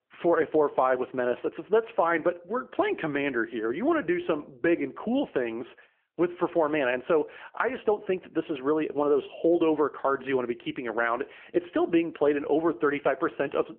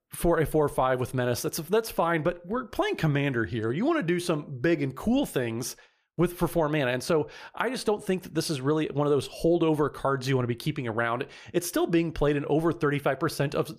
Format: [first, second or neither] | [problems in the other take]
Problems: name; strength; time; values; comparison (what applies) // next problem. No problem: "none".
second | phone-call audio